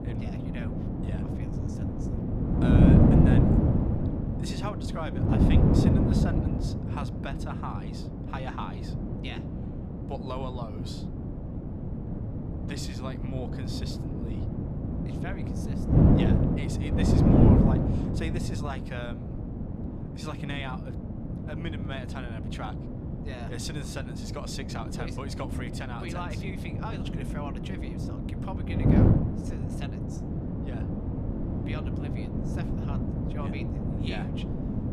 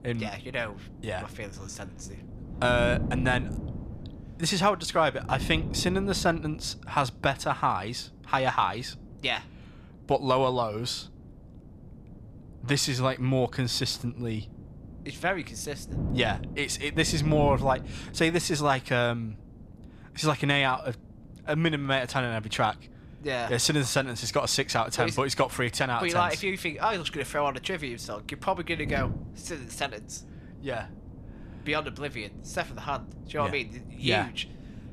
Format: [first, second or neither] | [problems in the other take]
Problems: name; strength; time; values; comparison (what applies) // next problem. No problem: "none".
second | wind noise on the microphone; heavy; 4 dB above the speech; occasional gusts in the second